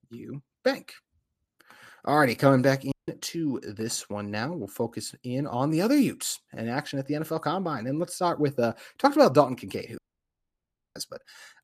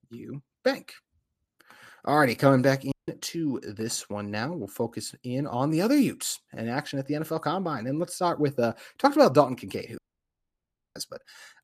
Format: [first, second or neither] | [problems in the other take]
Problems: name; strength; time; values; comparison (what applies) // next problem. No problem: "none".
neither | audio cutting out; at 3 s and at 10 s for 1 s; the same in both